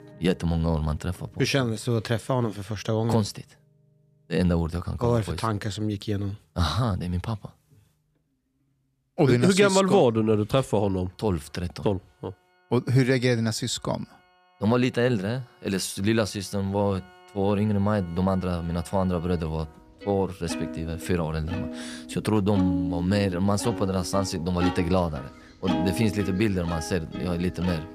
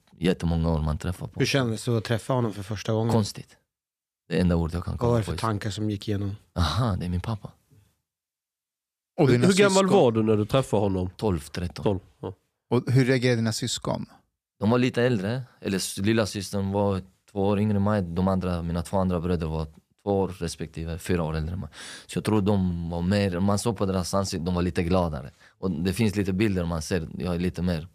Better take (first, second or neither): second